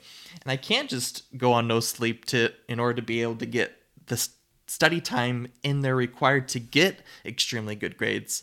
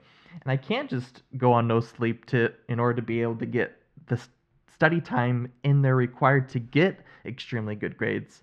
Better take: first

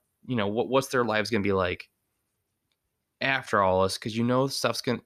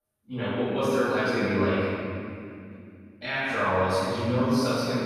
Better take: first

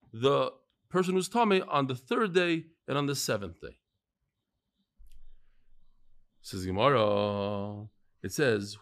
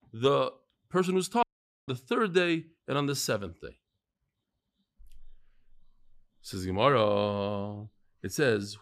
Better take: first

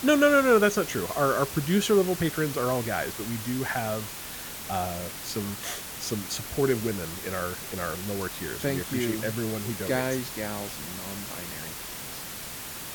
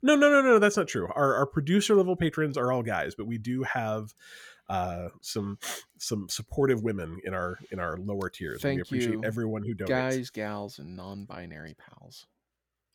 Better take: second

